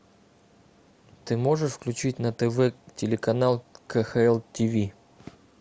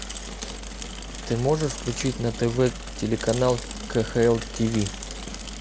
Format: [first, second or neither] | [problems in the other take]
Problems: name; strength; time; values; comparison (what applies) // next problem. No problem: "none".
first | background sound (Mechanisms / Bicycle); 8 dB below the speech